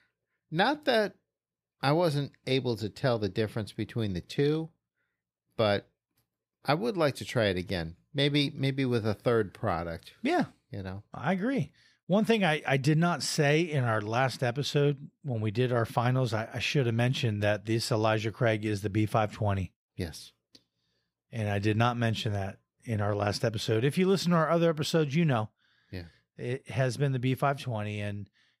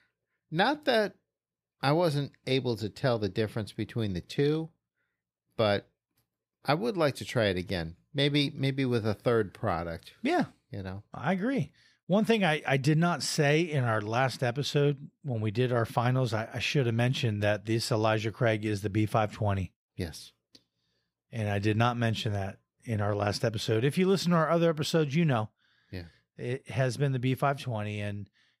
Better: neither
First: none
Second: none

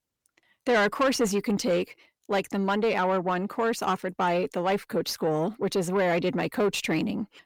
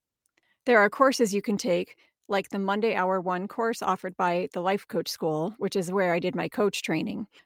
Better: second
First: distortion; slight; 10 dB below the speech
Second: none

